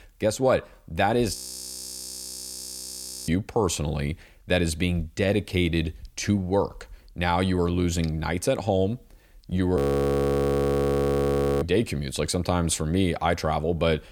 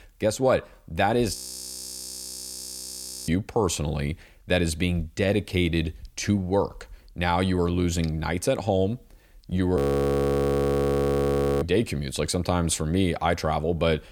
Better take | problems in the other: neither | audio freezing; at 1.5 s for 2 s and at 10 s for 2 s; the same in both

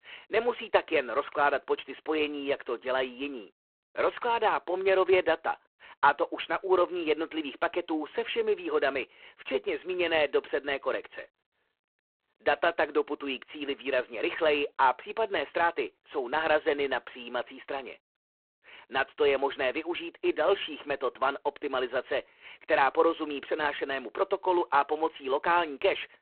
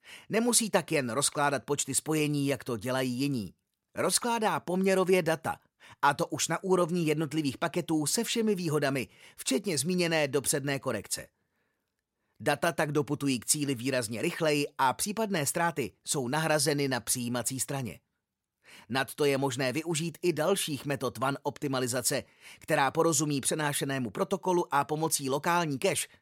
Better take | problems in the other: second | phone-call audio; poor line

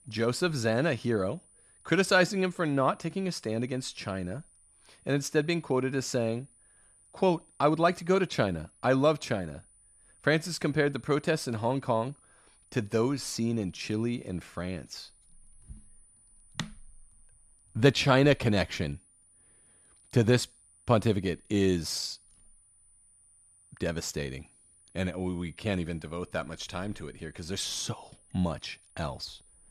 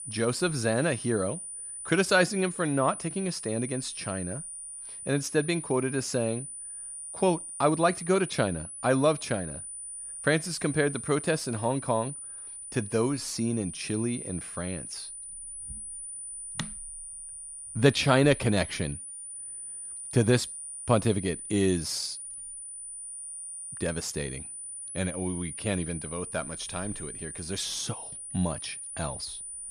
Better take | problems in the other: first | high-pitched whine; loud; throughout; 9.5 kHz, 9 dB below the speech; faint in the first

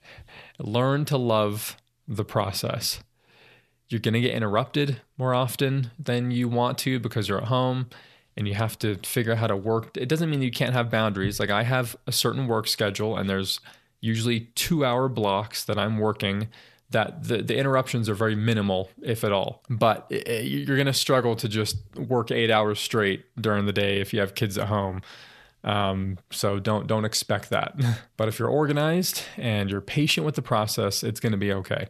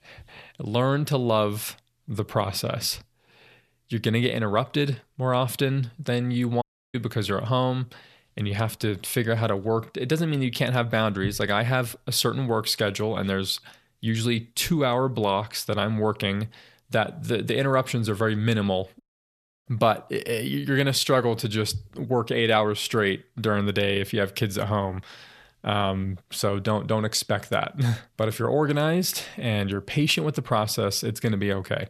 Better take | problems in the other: first | audio cutting out; at 6.5 s and at 19 s for 0.5 s

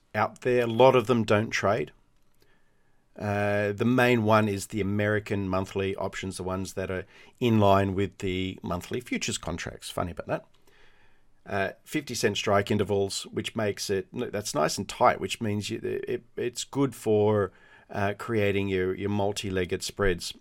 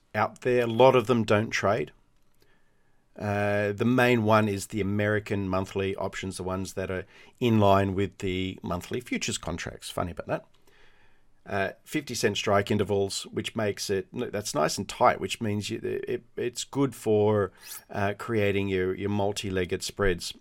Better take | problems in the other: first | clattering dishes; faint; at 18 s; peak 15 dB below the speech

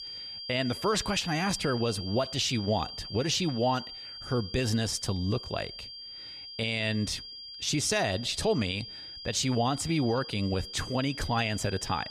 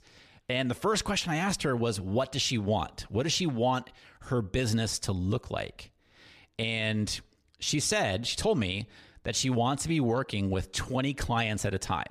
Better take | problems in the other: second | high-pitched whine; loud; throughout; 4.5 kHz, 10 dB below the speech

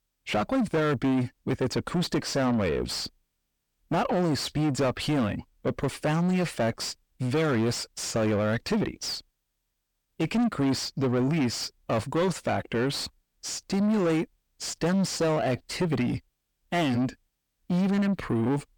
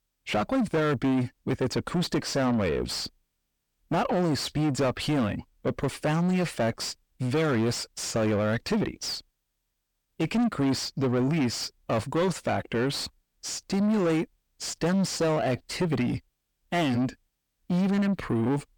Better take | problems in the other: neither | distortion; heavy; 7 dB below the speech; the same in both

